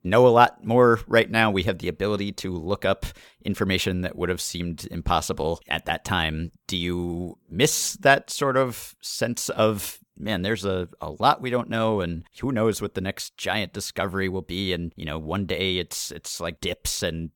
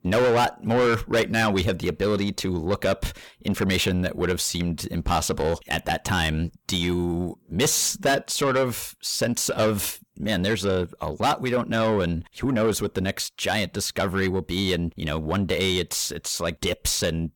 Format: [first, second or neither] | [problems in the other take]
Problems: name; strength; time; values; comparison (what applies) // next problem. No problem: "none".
first | distortion; heavy; 6 dB below the speech